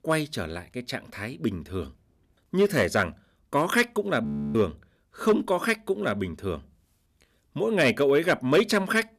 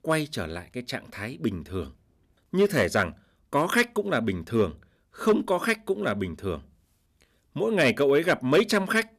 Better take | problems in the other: second | audio freezing; at 4.5 s

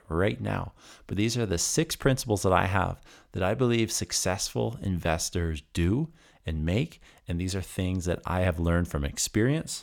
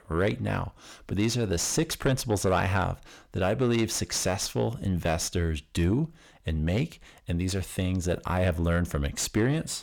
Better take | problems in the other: first | distortion; slight; 10 dB below the speech

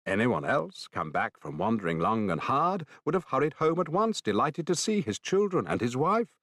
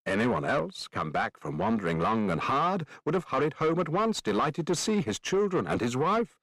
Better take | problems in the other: first | distortion; slight; 10 dB below the speech

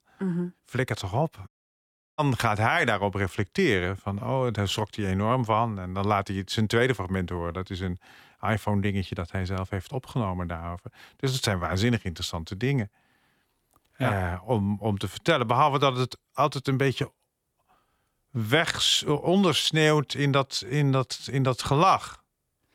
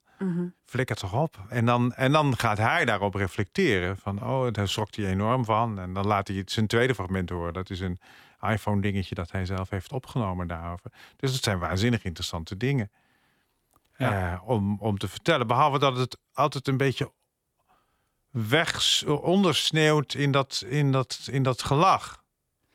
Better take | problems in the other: second | audio cutting out; at 1.5 s for 0.5 s

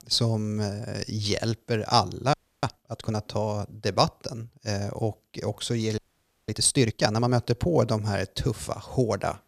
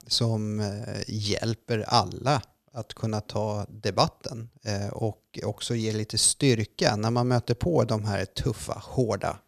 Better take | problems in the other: second | audio freezing; at 2.5 s and at 6 s for 0.5 s

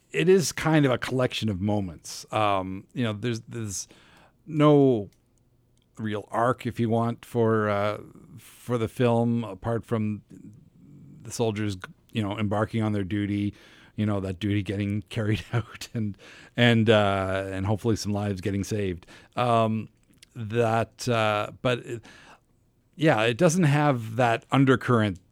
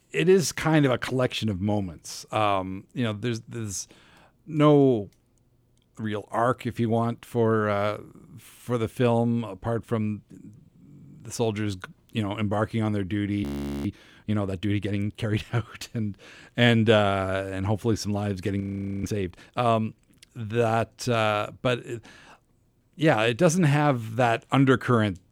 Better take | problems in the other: first | audio freezing; at 13 s and at 19 s

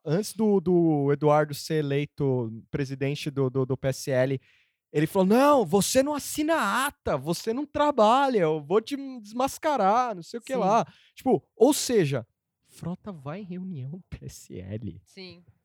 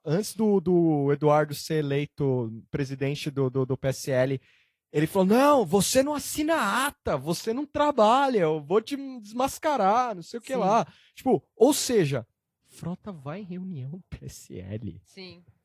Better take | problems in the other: first | garbled, watery; slightly

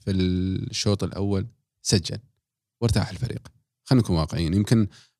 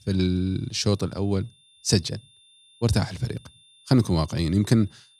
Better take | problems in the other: first | high-pitched whine; faint; throughout; 3.5 kHz, 30 dB below the speech

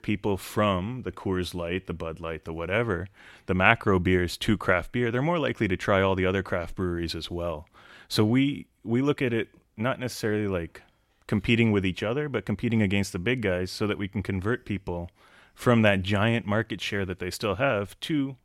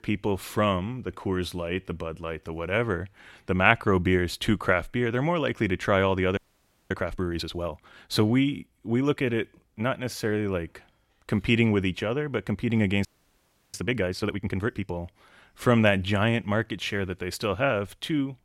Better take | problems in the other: first | audio freezing; at 6.5 s for 0.5 s and at 13 s for 0.5 s

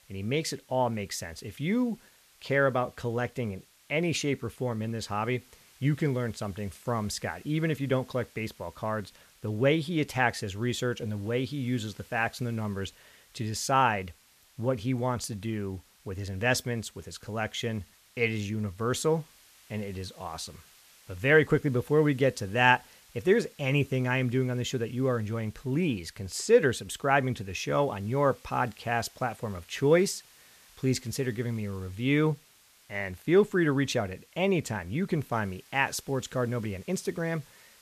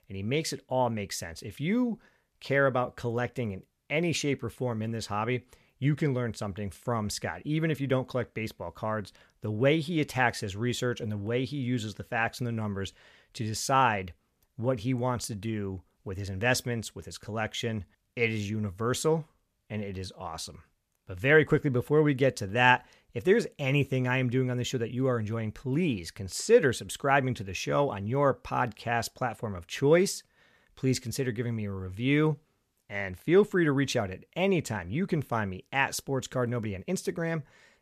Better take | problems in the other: second | hiss; faint; throughout; 25 dB below the speech

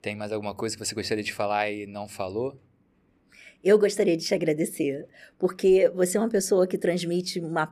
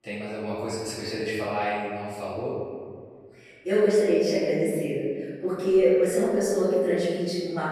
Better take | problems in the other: first | room echo; strong; dies away in 1.9 s // off-mic speech; far

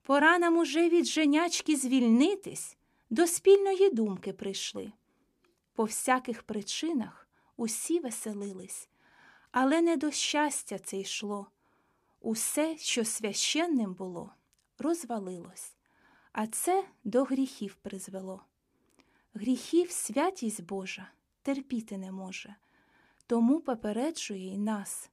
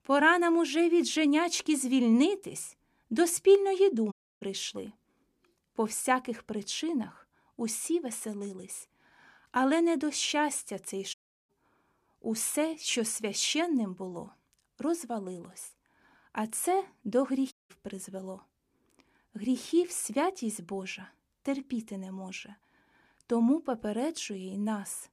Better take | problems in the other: first | audio cutting out; at 4 s, at 11 s and at 18 s

